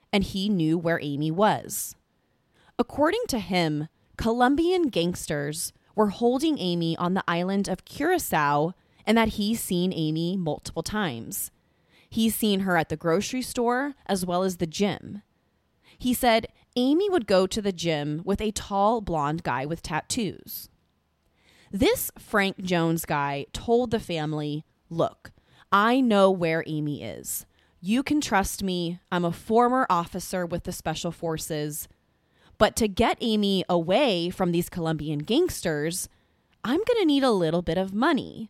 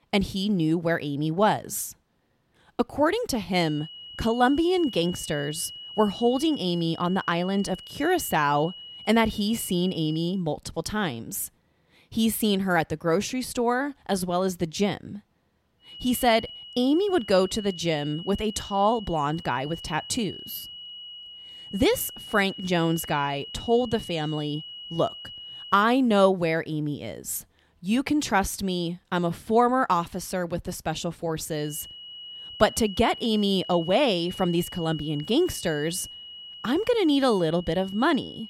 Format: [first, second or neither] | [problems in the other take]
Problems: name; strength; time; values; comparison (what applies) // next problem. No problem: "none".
first | high-pitched whine; noticeable; from 3.5 to 10 s, from 16 to 26 s and from 32 s on; 3 kHz, 15 dB below the speech